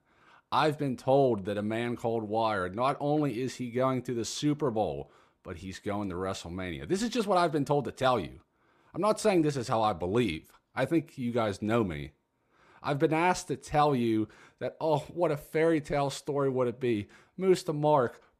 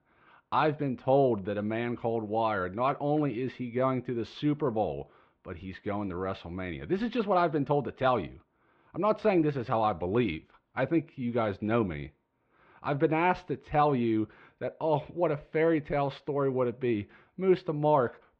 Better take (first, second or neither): first